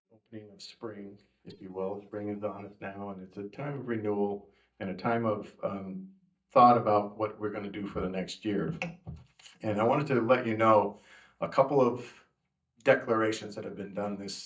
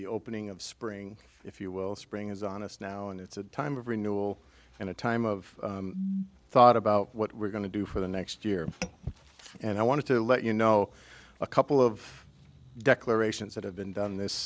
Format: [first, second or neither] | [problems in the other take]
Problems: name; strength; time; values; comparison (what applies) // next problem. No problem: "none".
second | noise reduction (neural mask model DeepFilterNet 3)